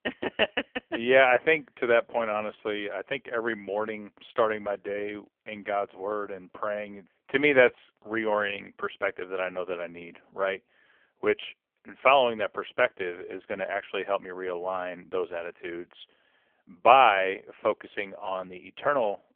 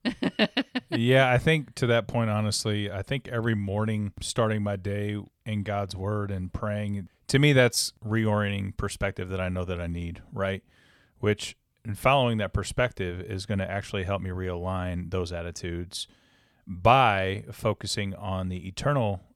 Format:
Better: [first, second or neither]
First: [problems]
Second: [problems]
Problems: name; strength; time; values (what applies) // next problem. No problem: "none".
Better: second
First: phone-call audio; poor line; nothing above 3.5 kHz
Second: none